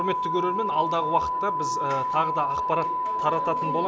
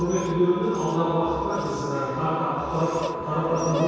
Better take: first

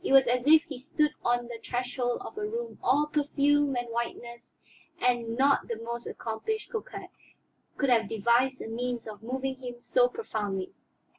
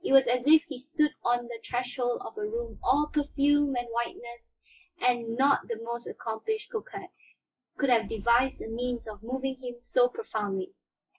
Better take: first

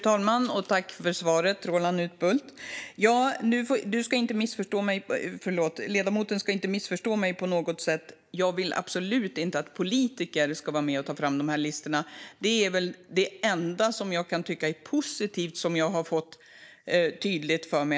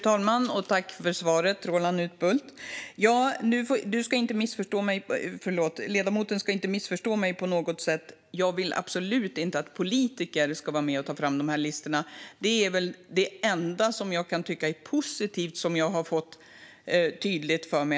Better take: second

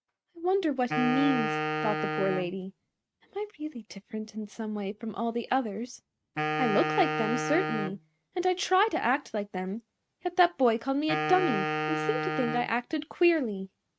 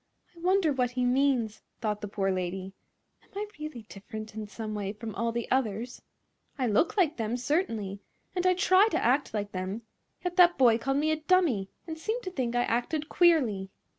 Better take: second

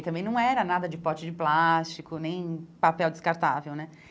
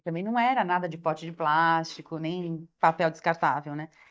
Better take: first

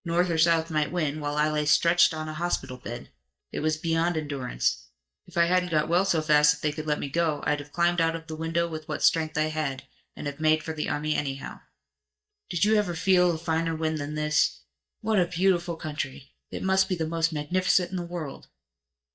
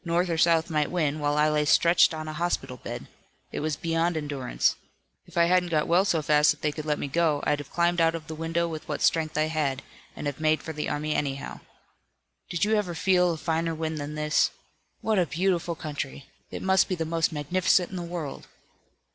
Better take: second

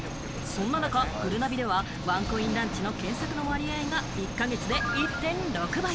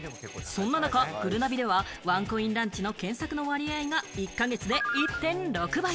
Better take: second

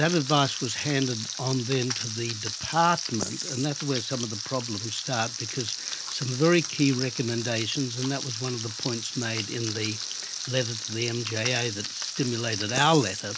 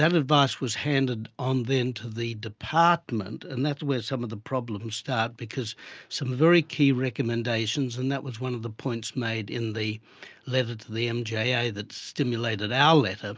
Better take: second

